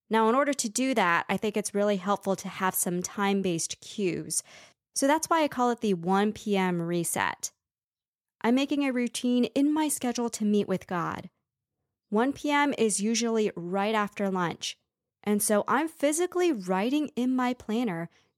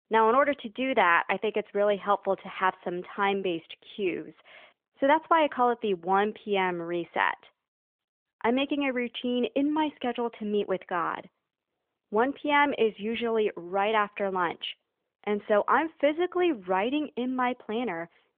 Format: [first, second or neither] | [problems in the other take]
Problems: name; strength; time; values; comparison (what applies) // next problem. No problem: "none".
first | phone-call audio; nothing above 3.5 kHz